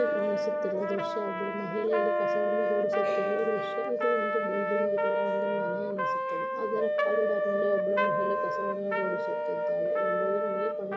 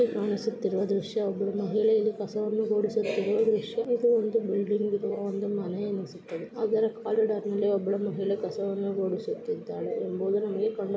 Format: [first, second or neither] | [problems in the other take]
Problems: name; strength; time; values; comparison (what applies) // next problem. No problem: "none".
second | background sound (Trumpet + Wind instrument, woodwind instrument); 4 dB above the speech